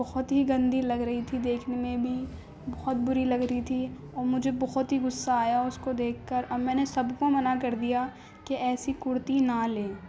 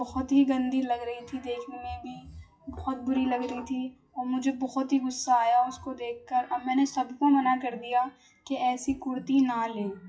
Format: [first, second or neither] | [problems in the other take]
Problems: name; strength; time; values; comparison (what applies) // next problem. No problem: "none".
first | noise reduction (classical method WPE with log-MMSE)